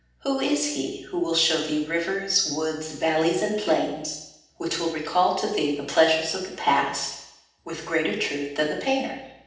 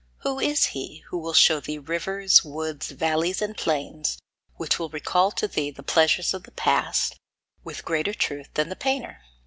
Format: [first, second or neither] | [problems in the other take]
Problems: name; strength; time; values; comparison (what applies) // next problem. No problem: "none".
second | room echo; dies away in 0.8 s